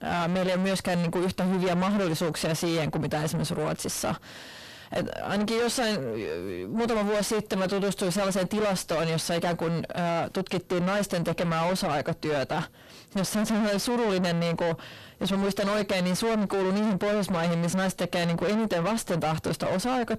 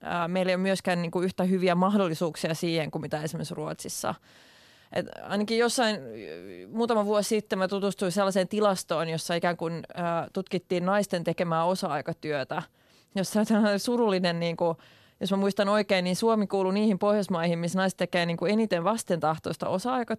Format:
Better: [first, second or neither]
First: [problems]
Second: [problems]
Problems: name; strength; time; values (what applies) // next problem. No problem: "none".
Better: second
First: distortion; heavy; 5 dB below the speech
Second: none